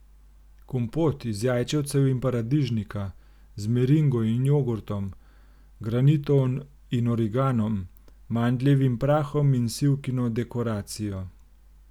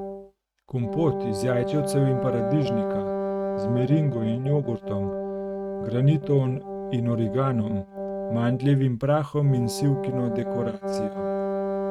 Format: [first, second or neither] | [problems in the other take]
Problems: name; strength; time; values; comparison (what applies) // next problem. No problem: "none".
first | noise reduction (neural mask model RNNoise)